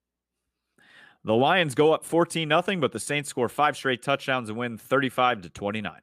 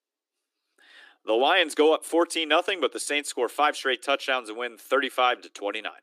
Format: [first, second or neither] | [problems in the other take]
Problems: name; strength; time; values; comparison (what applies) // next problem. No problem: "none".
first | thin; somewhat; fading below 300 Hz